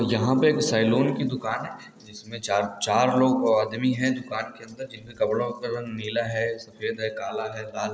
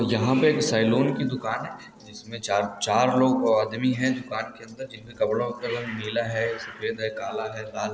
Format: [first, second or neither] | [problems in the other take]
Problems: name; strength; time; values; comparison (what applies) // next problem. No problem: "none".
first | background sound (Hiss); 19 dB below the speech